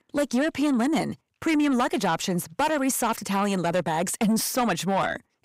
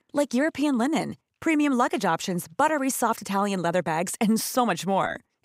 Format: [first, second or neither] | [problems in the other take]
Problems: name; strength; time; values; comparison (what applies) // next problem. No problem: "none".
second | distortion; slight; 10 dB below the speech